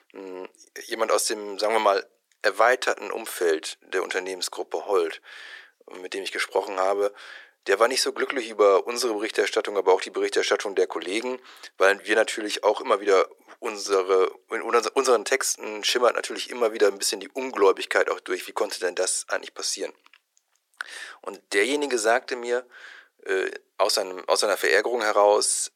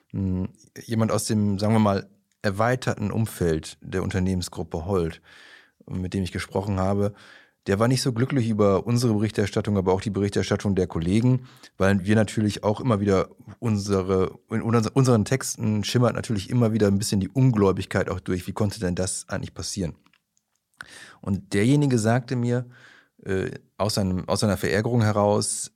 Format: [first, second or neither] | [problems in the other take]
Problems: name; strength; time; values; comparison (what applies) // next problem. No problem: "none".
second | thin; very; fading below 350 Hz